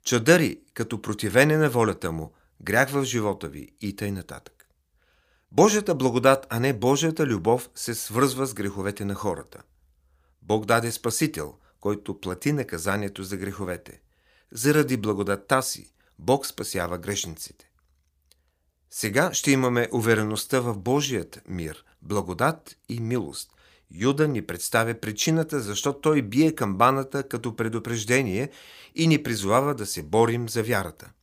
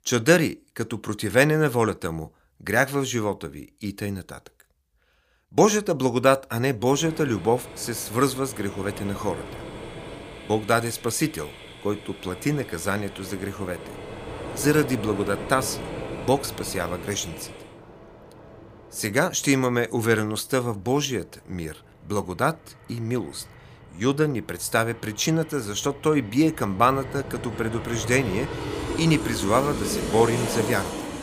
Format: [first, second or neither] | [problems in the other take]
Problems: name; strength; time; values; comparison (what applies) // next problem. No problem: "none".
first | train or aircraft noise; noticeable; from 7 s on; 10 dB below the speech